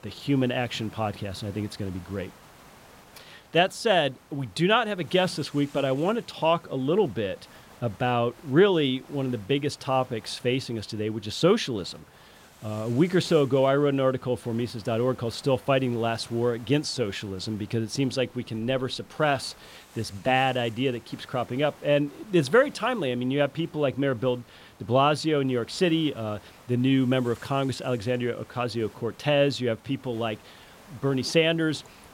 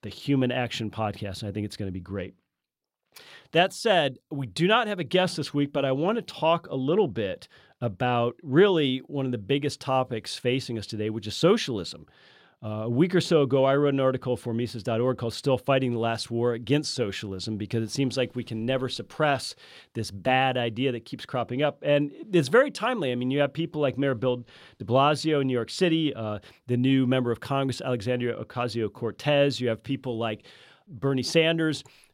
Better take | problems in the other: second | hiss; faint; throughout; 25 dB below the speech

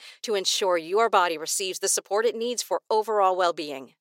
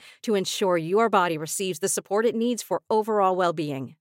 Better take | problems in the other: second | thin; somewhat; fading below 500 Hz

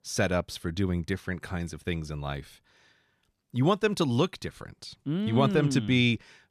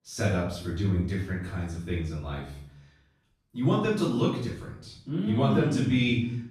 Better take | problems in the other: first | off-mic speech; far // room echo; noticeable; dies away in 0.6 s

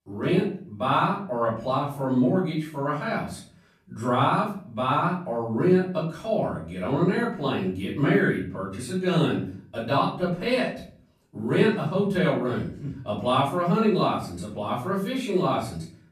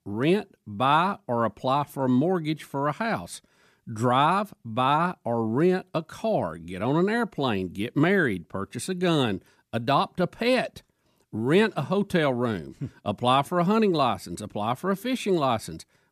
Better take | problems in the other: second | off-mic speech; far // room echo; noticeable; dies away in 0.5 s

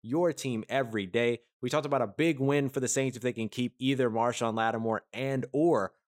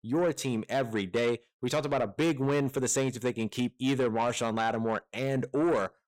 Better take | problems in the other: first | distortion; slight; 10 dB below the speech

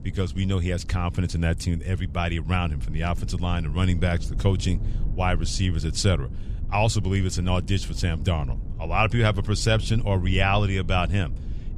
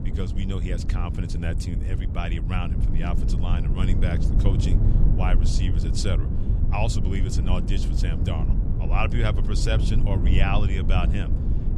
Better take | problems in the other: first | low rumble; loud; throughout; 6 dB below the speech; faint in the first

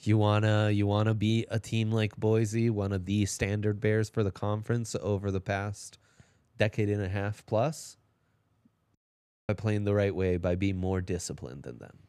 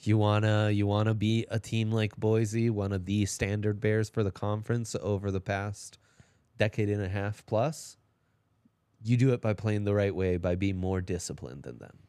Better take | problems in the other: second | audio cutting out; at 9 s for 0.5 s

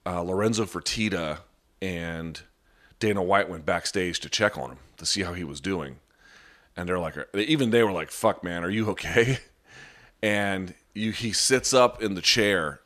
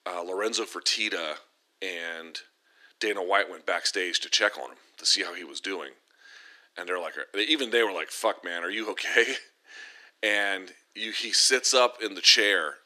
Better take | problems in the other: first | thin; somewhat; fading below 300 Hz

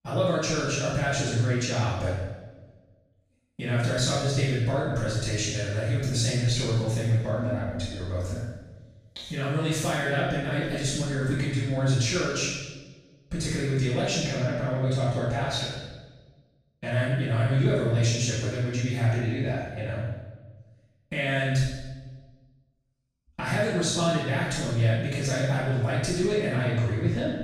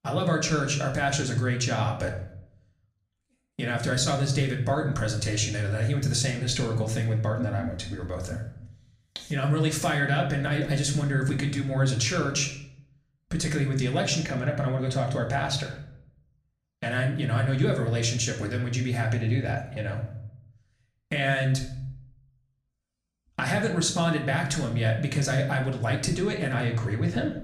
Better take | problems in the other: second | room echo; strong; dies away in 1 s; slight in the second // off-mic speech; far; somewhat distant in the second

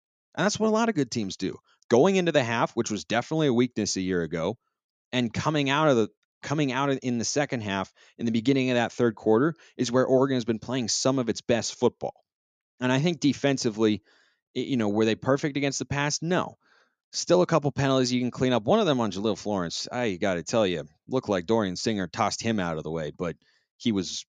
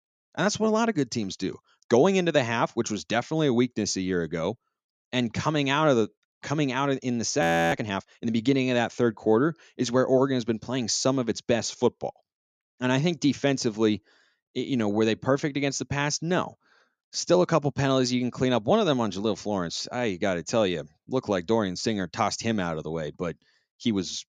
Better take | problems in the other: first | audio freezing; at 7.5 s

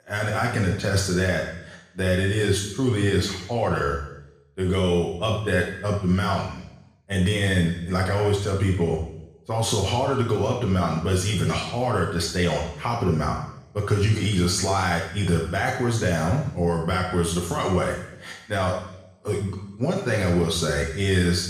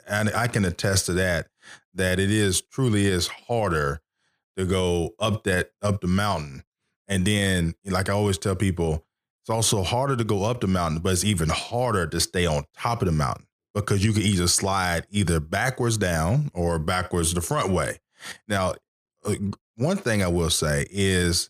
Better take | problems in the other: second | room echo; noticeable; dies away in 0.9 s // off-mic speech; far

